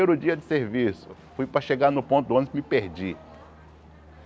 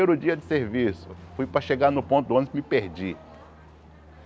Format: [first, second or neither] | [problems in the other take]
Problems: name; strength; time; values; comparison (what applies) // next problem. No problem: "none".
first | background sound (Bowed string instrument); 20 dB below the speech